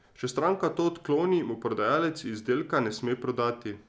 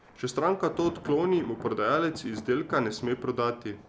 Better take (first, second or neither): first